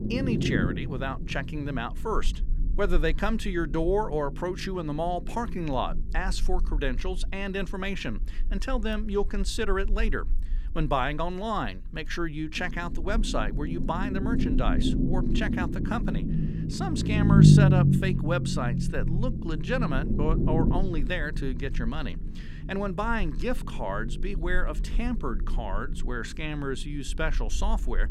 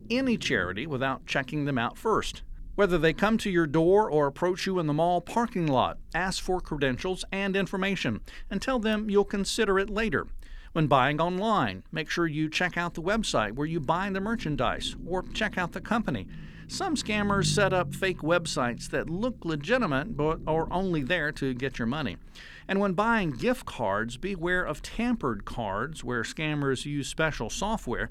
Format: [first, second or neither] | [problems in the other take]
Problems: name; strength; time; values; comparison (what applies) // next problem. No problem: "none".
second | low rumble; loud; throughout; 3 dB below the speech; faint in the second